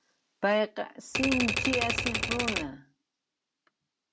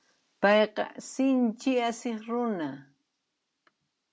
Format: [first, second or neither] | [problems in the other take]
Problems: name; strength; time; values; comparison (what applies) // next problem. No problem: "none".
second | background sound (Typewriter); 2 dB above the speech